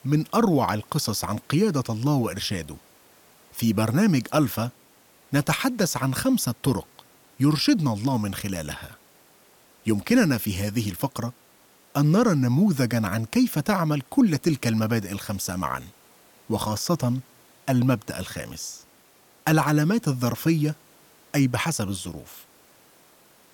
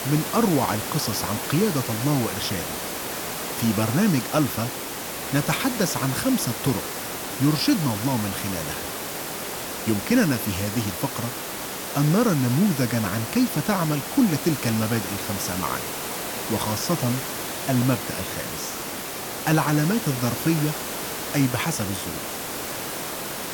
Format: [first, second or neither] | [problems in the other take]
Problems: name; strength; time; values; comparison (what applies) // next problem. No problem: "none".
first | hiss; loud; throughout; 5 dB below the speech; faint in the first